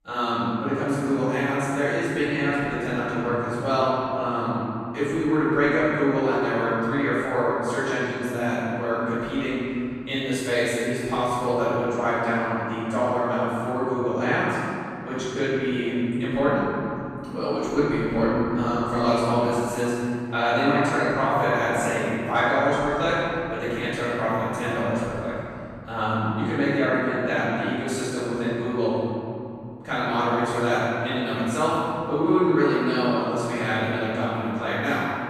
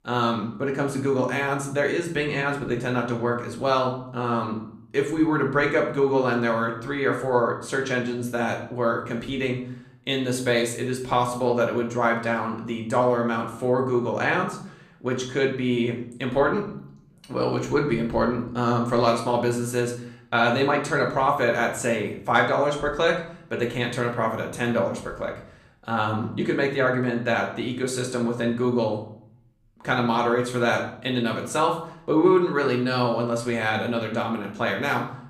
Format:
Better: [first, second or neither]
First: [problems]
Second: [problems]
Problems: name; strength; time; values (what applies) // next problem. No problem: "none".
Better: second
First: room echo; strong; dies away in 3 s // off-mic speech; far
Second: room echo; slight; dies away in 0.5 s // off-mic speech; somewhat distant